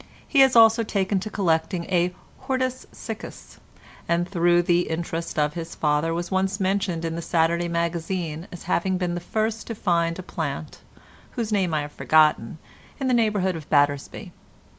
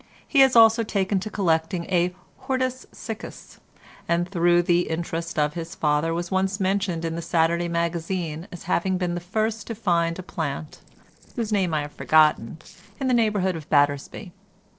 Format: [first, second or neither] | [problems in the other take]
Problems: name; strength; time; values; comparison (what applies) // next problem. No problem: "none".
first | noise reduction (neural separator model SepFormer DNS4)